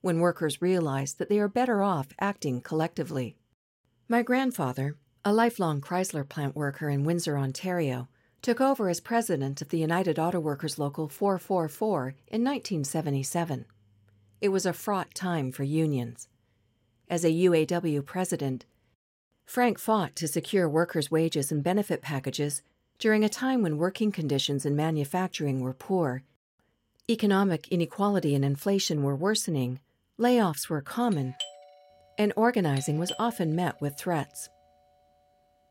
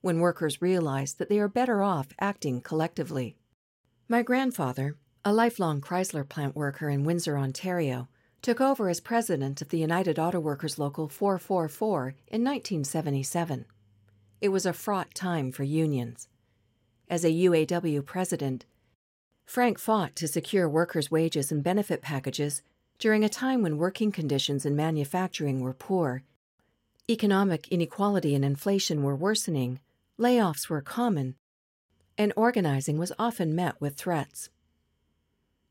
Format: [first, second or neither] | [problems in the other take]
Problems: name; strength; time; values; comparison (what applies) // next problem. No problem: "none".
second | doorbell; noticeable; from 31 to 33 s; peak 9 dB below the speech